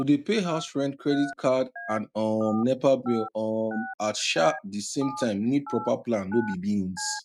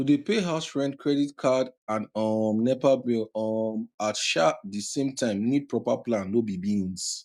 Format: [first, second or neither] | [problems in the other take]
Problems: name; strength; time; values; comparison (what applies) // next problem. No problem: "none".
second | noise reduction (neural mask model RNNoise)